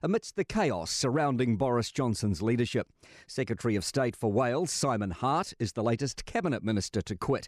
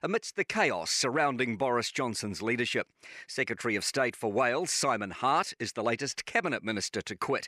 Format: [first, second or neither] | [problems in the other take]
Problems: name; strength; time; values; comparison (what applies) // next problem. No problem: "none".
first | thin; somewhat; fading below 500 Hz